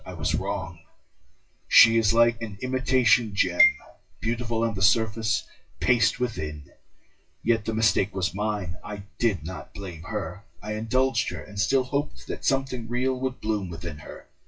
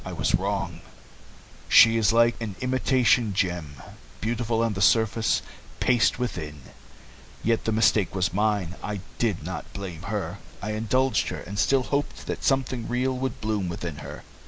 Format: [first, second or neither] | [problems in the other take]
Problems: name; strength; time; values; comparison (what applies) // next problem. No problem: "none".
second | noise reduction (classical method WPE with log-MMSE)